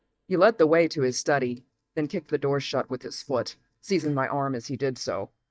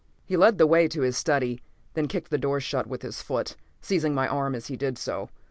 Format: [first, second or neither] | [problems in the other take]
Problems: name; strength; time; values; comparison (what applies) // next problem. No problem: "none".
second | noise reduction (neural mask model DeepFilterNet 3)